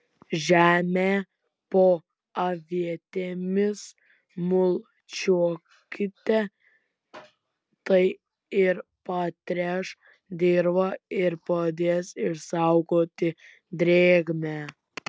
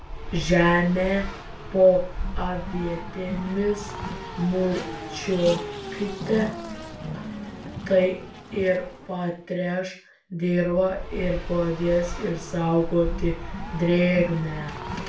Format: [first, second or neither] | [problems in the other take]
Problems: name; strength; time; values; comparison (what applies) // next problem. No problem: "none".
first | background sound (Race car, auto racing); 8 dB below the speech // room echo; dies away in 0.4 s